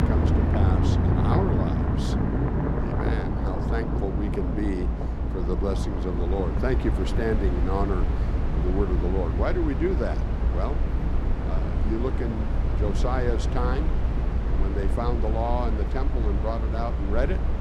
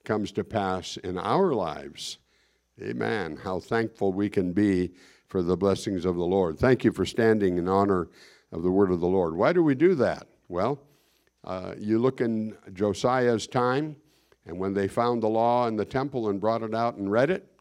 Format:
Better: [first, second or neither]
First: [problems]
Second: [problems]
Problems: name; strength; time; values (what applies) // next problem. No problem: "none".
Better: second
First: low rumble; loud; throughout; 2 dB below the speech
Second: none